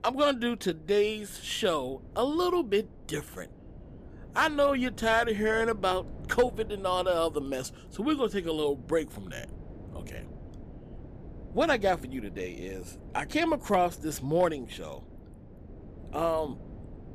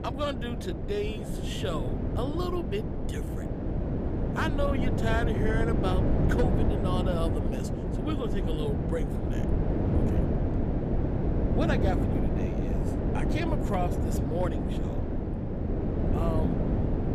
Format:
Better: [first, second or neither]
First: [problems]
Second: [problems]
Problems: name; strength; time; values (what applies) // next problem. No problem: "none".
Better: first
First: wind noise on the microphone; occasional gusts; 25 dB below the speech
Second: wind noise on the microphone; heavy; 1 dB below the speech